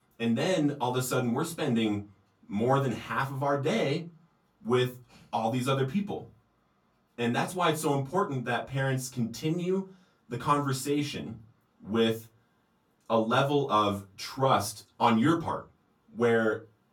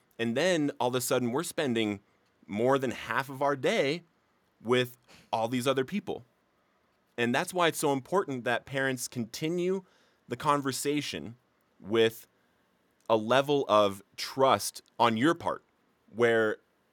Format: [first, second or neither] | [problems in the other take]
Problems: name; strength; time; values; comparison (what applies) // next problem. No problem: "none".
second | off-mic speech; far // room echo; very slight; dies away in 0.3 s